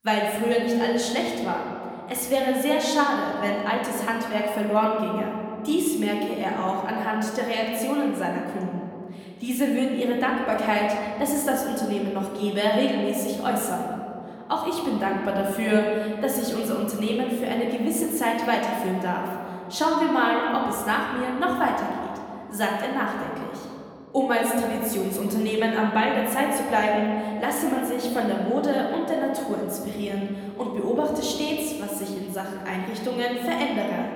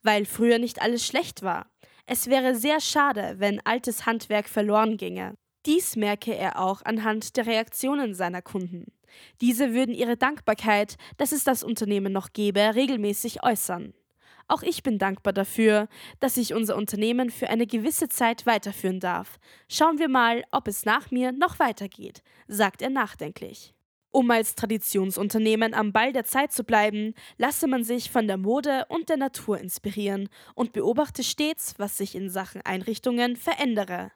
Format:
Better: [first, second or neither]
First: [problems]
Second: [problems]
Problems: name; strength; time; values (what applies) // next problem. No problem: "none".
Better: second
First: room echo; noticeable; dies away in 2.3 s // off-mic speech; somewhat distant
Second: none